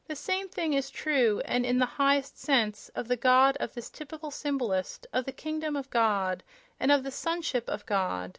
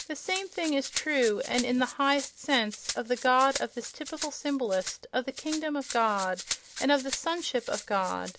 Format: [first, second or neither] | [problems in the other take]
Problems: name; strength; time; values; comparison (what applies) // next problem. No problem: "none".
first | background sound (Rattle (instrument)); 11 dB below the speech